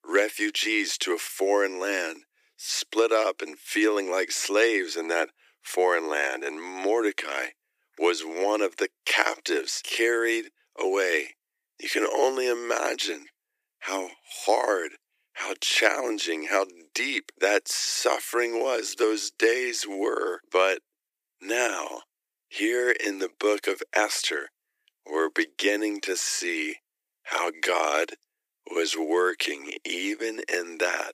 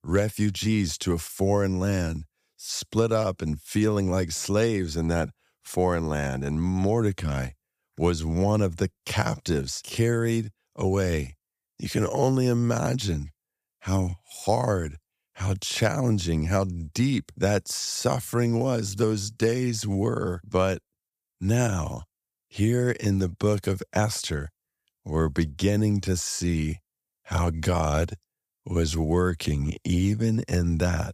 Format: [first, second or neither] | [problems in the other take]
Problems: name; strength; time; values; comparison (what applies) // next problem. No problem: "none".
second | thin; very; fading below 300 Hz